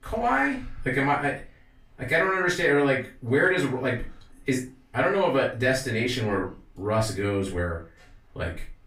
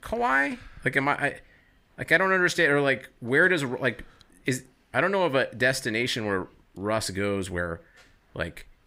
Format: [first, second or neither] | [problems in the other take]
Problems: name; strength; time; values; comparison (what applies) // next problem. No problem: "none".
second | off-mic speech; far // room echo; slight; dies away in 0.2 s